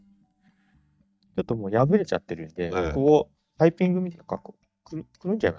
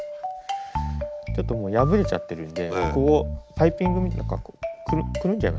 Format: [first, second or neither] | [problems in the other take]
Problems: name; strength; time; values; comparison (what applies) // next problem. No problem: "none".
second | noise reduction (neural mask model DeepFilterNet 3)